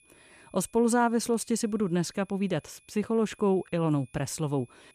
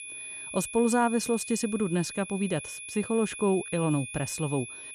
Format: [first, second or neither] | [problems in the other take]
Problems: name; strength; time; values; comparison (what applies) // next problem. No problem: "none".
first | high-pitched whine; loud; throughout; 2.5 kHz, 9 dB below the speech; faint in the first